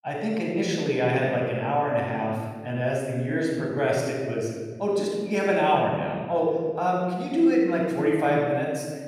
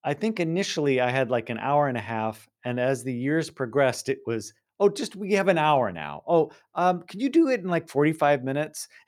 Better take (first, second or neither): second